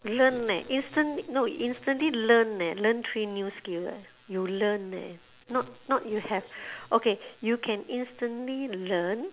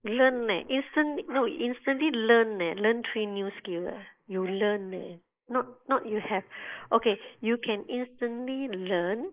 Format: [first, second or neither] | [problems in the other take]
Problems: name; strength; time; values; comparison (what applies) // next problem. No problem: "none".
first | noise reduction (neural mask model Resemble Enhance denoiser)